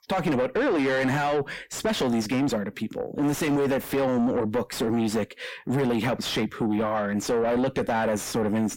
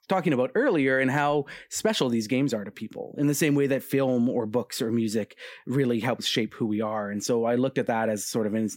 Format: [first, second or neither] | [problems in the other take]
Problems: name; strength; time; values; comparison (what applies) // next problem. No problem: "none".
second | distortion; heavy; 7 dB below the speech